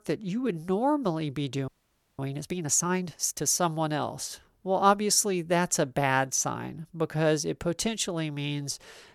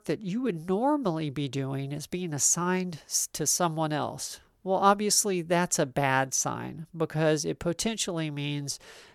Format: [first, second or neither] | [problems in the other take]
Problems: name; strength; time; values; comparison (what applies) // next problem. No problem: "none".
second | audio freezing; at 1.5 s for 0.5 s